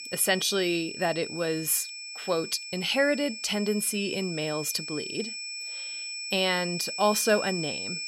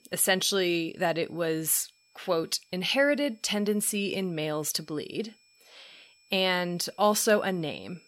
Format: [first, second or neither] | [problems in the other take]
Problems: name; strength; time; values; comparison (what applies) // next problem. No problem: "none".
second | high-pitched whine; loud; throughout; 5.5 kHz, 7 dB below the speech; faint in the second